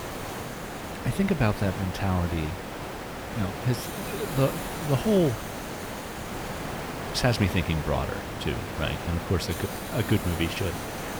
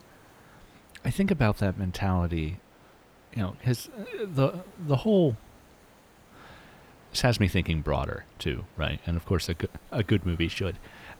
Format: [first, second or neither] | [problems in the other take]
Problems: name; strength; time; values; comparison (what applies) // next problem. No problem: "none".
second | hiss; loud; throughout; 6 dB below the speech; faint in the second